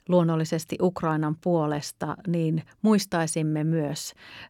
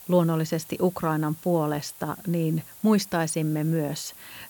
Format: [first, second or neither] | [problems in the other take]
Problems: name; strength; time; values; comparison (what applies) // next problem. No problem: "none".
first | hiss; noticeable; throughout; 15 dB below the speech